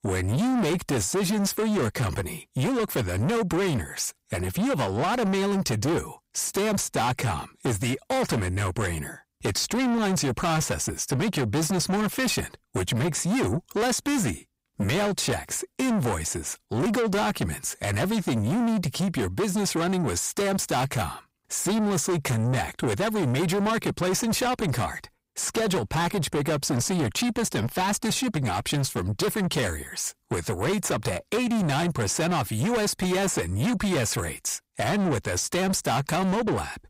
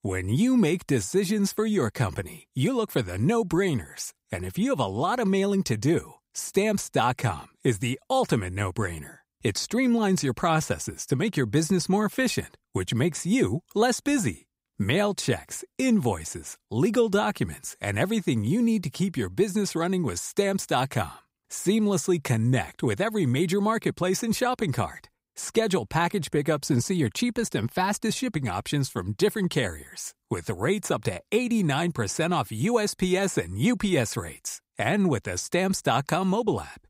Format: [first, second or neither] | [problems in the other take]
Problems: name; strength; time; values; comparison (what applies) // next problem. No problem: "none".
second | distortion; heavy; 6 dB below the speech